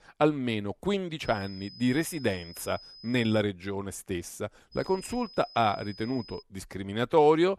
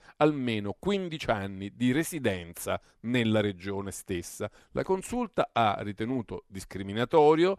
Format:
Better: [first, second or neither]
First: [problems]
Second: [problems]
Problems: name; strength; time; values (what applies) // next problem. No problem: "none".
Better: second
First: high-pitched whine; noticeable; from 1.5 to 3.5 s and from 4.5 to 6.5 s; 5 kHz, 20 dB below the speech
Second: none